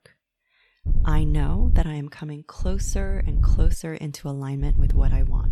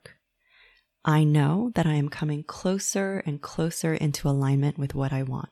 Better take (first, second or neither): second